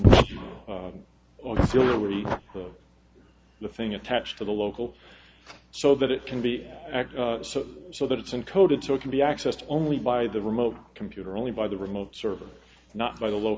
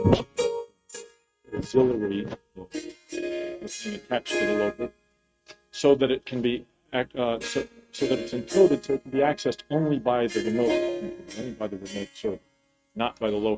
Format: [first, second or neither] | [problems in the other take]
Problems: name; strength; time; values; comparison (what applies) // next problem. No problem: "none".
first | noise reduction (neural mask model RNNoise)